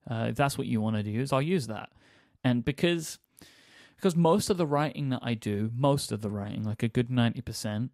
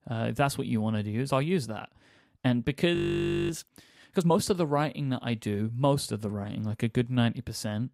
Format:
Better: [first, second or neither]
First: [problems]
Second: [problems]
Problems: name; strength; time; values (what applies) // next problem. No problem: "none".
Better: first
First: none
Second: audio freezing; at 3 s for 0.5 s